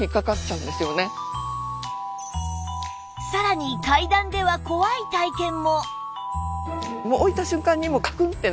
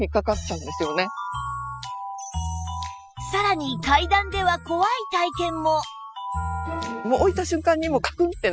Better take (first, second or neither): first